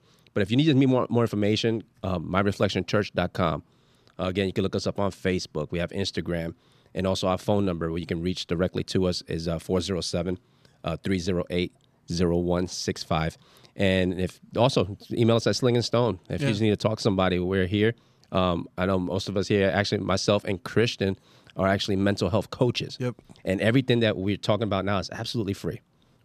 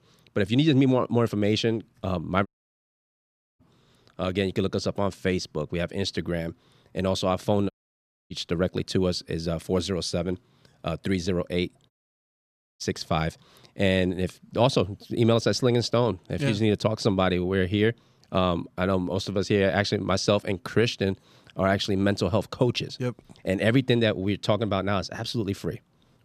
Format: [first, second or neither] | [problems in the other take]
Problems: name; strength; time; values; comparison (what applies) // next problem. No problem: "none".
first | audio cutting out; at 2.5 s for 1 s, at 7.5 s for 0.5 s and at 12 s for 1 s